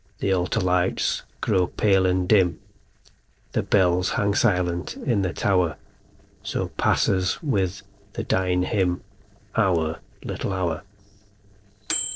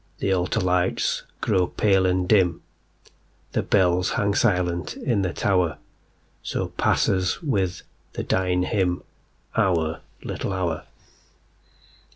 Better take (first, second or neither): second